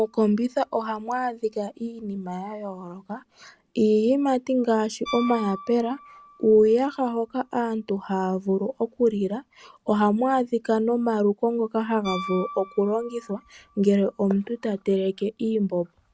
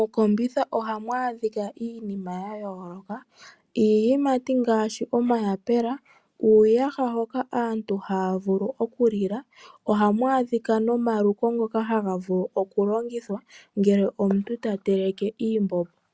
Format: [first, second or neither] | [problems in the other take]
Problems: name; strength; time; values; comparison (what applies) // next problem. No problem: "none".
second | background sound (Piano); 20 dB below the speech